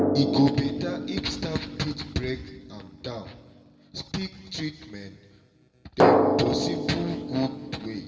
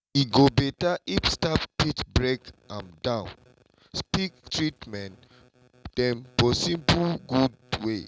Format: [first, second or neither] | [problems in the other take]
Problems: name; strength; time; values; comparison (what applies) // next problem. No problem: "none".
second | background sound (Drum); 2 dB above the speech // room echo; dies away in 1.6 s